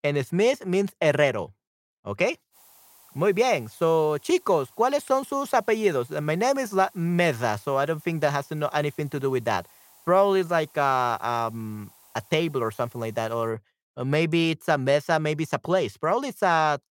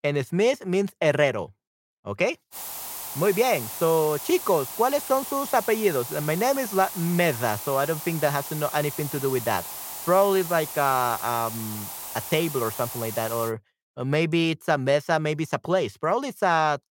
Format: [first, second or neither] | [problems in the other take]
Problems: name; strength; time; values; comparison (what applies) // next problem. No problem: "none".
first | hiss; loud; from 2.5 to 13 s; 8 dB below the speech; faint in the first